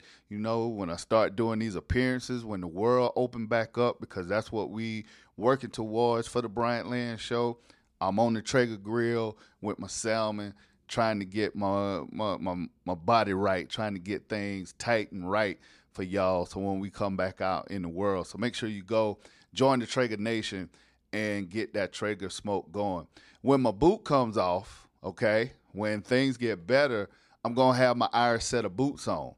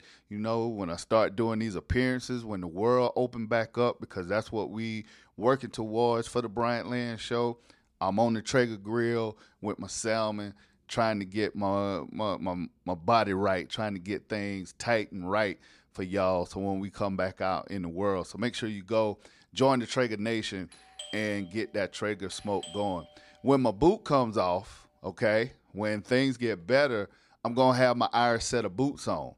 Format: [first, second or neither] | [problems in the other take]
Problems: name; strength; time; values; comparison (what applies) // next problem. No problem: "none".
first | doorbell; faint; from 21 to 23 s; peak 15 dB below the speech